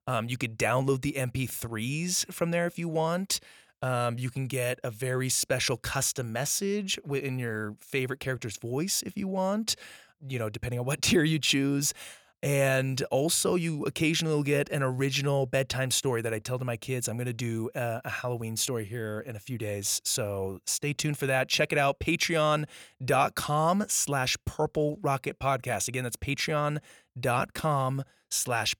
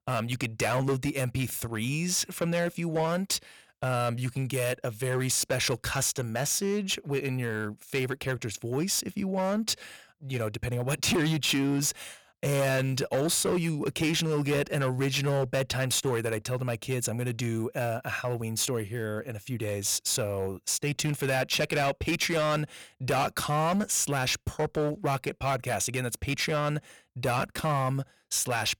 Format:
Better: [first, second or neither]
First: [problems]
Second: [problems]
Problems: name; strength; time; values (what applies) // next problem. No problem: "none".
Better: first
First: none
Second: distortion; slight; 9% of the sound clipped